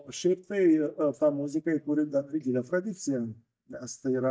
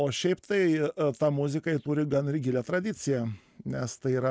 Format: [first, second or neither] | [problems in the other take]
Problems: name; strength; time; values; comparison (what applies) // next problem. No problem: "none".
second | noise reduction (neural mask model DeepFilterNet 3)